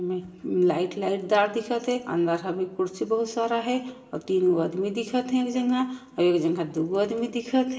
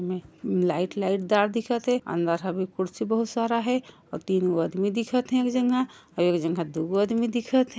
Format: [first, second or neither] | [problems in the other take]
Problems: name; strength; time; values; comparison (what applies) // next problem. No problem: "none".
second | room echo; dies away in 0.8 s